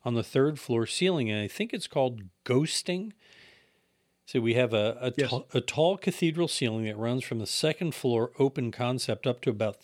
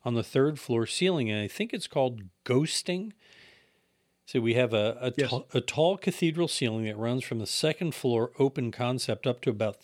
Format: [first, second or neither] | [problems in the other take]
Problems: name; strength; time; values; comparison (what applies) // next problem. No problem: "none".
neither | none